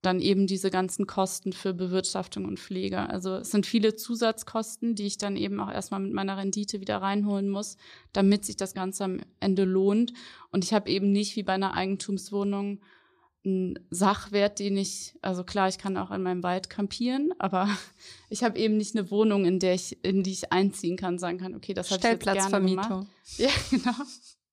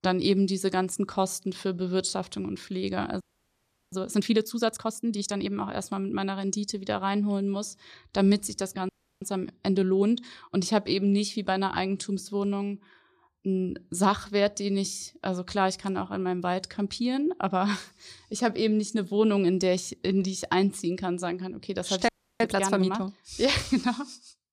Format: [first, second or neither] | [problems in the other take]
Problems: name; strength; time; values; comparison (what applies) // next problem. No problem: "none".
first | audio freezing; at 3 s for 0.5 s, at 9 s and at 22 s